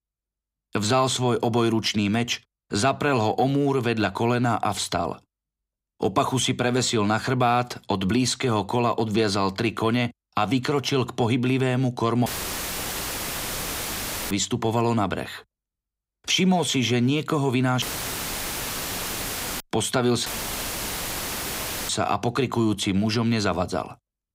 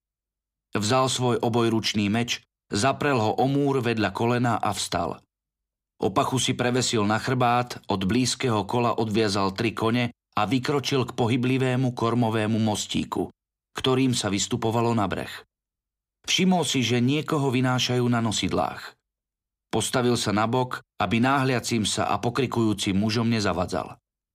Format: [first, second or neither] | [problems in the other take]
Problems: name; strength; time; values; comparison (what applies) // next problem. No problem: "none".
second | audio cutting out; filled with static; at 12 s for 2 s, at 18 s for 2 s and at 20 s for 1.5 s